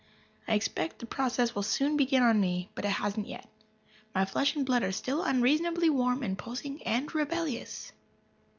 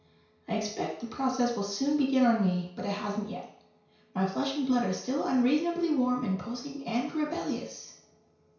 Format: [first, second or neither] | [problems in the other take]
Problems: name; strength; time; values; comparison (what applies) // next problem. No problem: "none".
first | room echo; dies away in 0.6 s